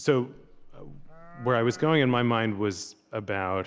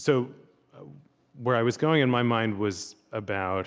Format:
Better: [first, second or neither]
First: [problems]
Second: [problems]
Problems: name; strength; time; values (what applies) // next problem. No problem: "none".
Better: second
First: background sound (Livestock, farm animals, working animals); 19 dB below the speech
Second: none